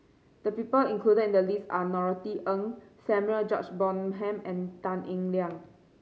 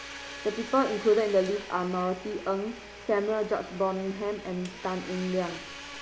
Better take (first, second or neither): first